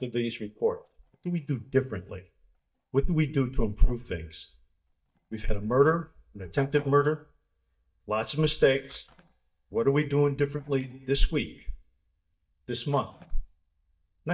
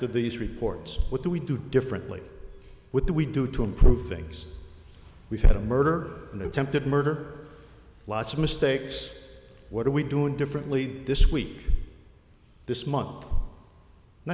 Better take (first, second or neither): second